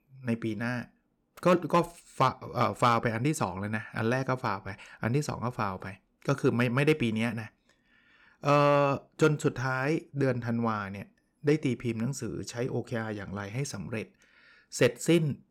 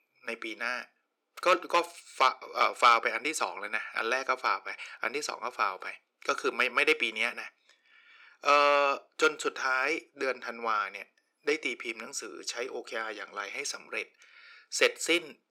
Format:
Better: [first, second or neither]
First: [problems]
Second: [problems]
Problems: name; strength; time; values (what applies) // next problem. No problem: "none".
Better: first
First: none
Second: thin; very; fading below 400 Hz